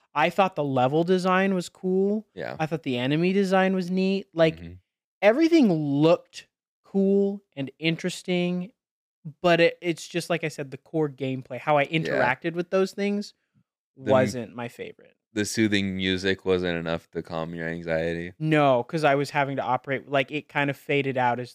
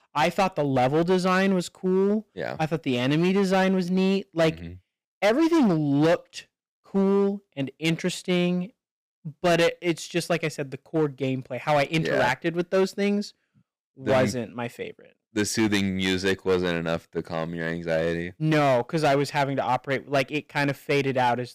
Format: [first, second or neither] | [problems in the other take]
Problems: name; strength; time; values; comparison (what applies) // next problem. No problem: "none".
first | distortion; slight; 8% of the sound clipped